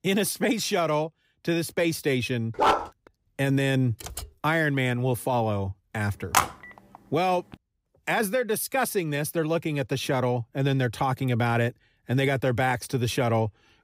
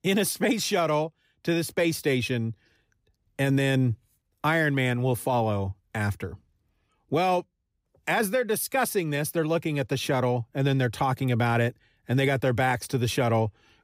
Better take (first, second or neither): second